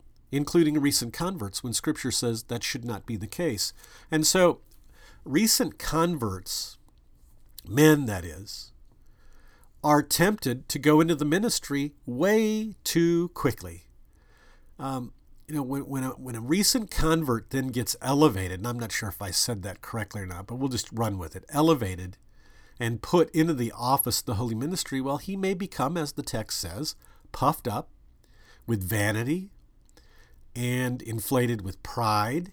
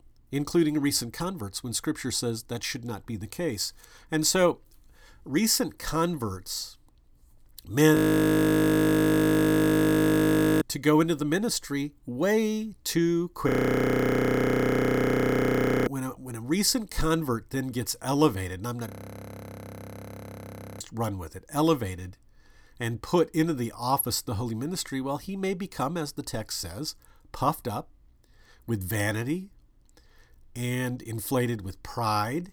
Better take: first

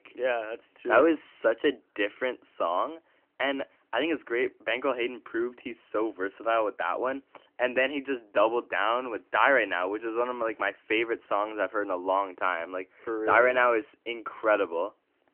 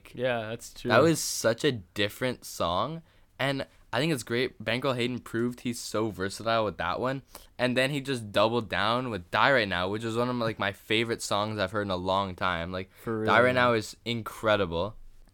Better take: second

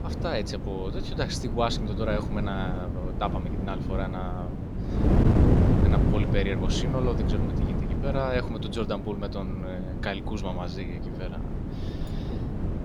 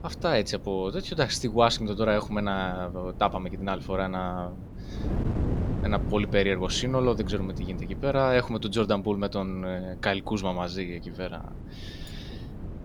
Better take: second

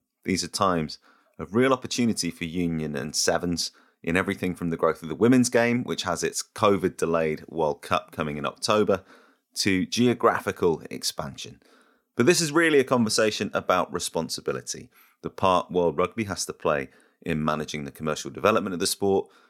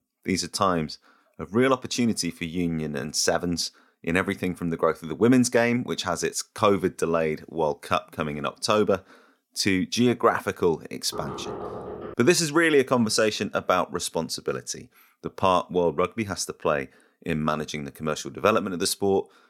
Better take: first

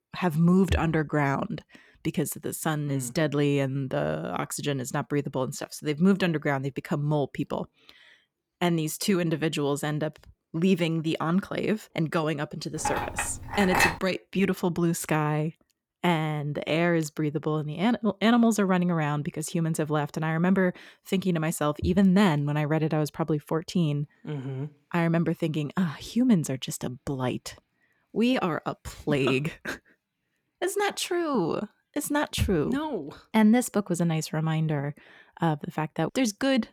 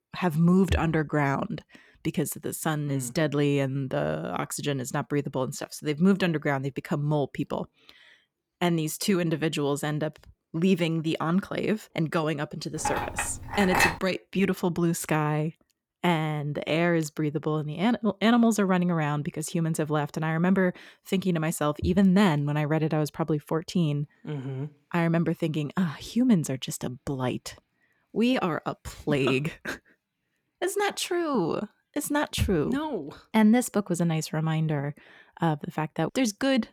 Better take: neither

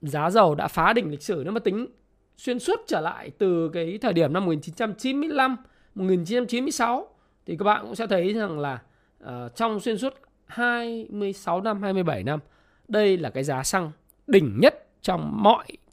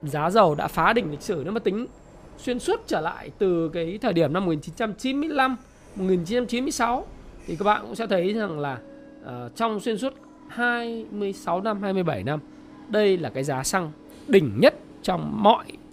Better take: first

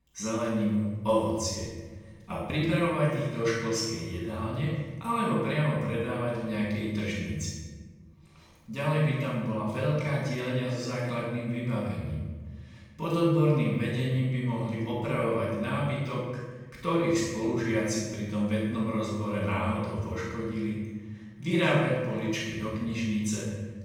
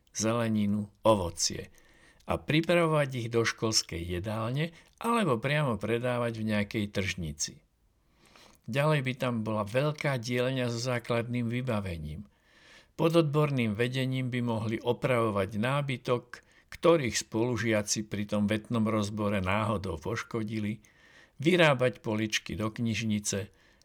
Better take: second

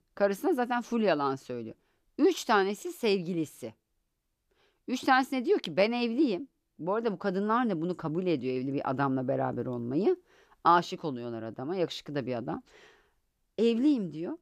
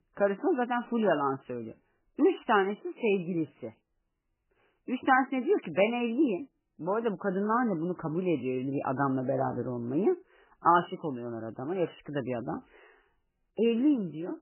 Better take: first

